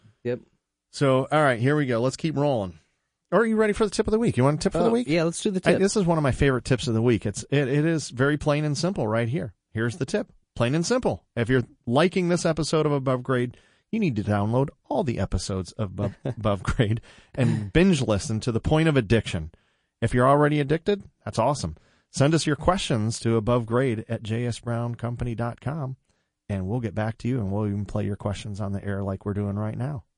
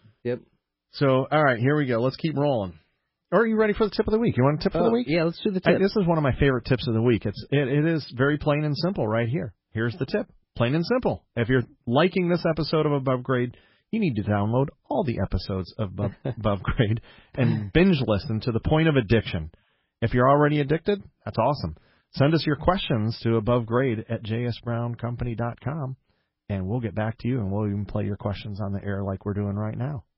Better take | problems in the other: first | garbled, watery; badly; nothing above 5.5 kHz; slightly in the first

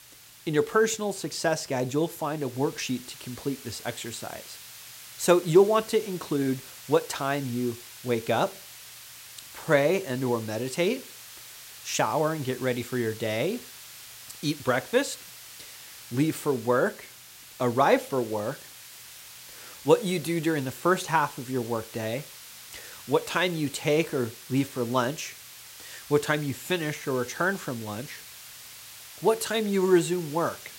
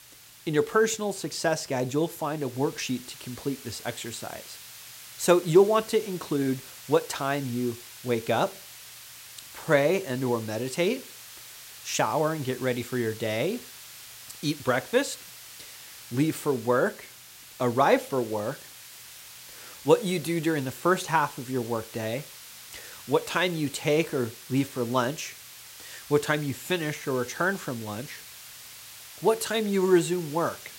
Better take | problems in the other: neither | hiss; noticeable; throughout; 15 dB below the speech; the same in both

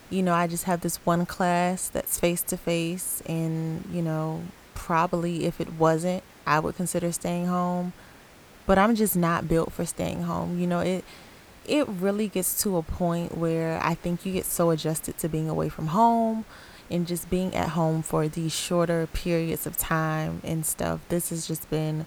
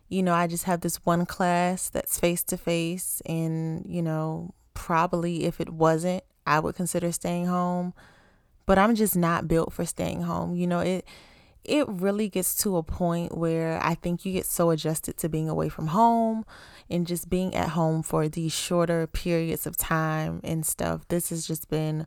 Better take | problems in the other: second | hiss; faint; throughout; 25 dB below the speech

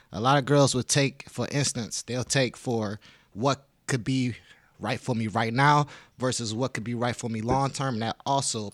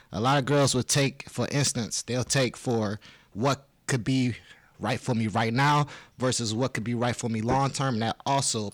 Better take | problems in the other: first | distortion; slight; 10 dB below the speech

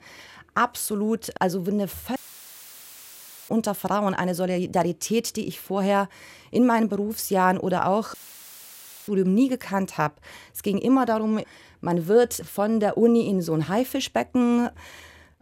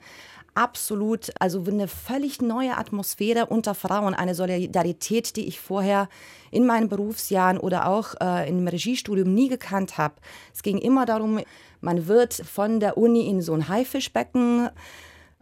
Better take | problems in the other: second | audio cutting out; filled with static; at 2 s for 1.5 s and at 8 s for 1 s

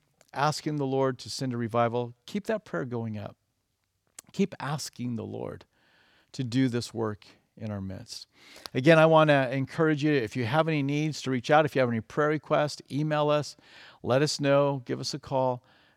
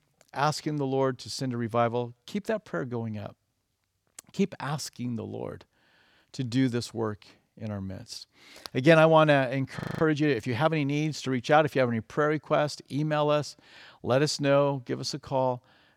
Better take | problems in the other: first | audio freezing; at 10 s

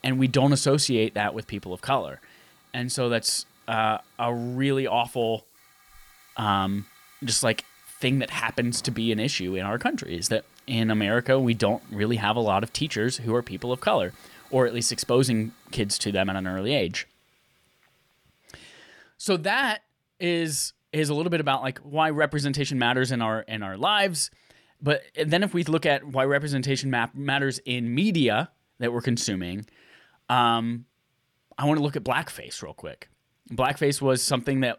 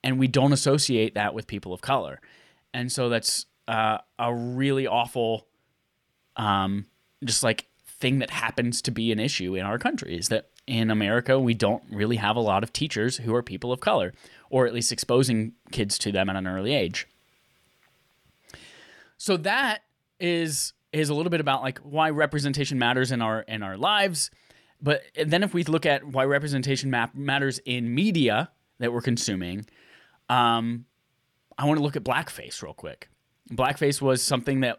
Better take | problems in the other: second | hiss; faint; until 17 s; 30 dB below the speech

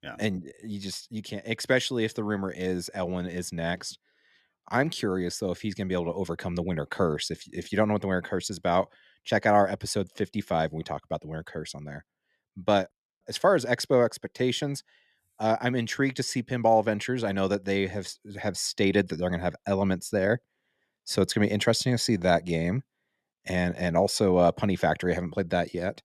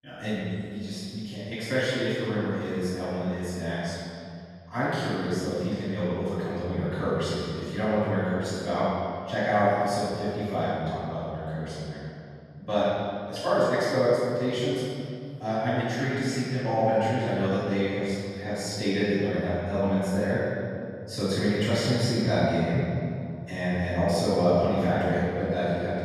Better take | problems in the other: first | off-mic speech; far // room echo; strong; dies away in 2.4 s

